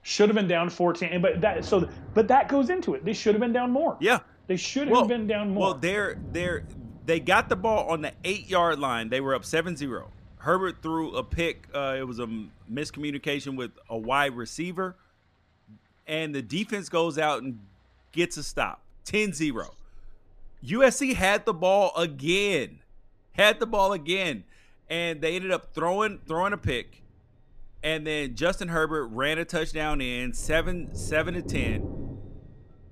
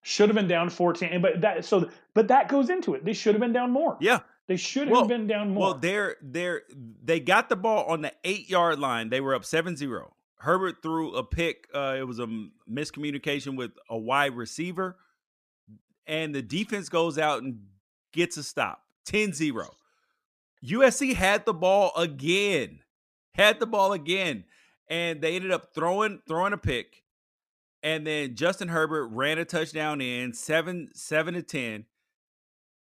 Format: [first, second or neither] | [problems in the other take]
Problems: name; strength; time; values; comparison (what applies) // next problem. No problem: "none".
second | rain or running water; noticeable; throughout; 15 dB below the speech